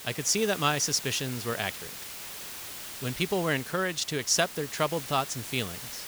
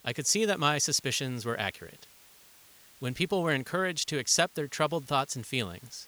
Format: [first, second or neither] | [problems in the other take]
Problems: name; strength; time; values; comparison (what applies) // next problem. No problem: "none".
second | hiss; loud; throughout; 10 dB below the speech; faint in the second